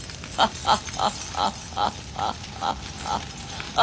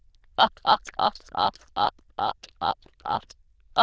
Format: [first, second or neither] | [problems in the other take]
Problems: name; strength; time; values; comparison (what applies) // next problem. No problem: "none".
first | noise reduction (neural diffusion model UNIVERSE++)